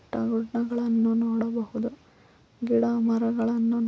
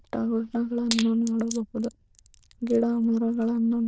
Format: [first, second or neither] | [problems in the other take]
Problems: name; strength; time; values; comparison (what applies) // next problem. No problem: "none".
first | noise reduction (neural diffusion model UNIVERSE++)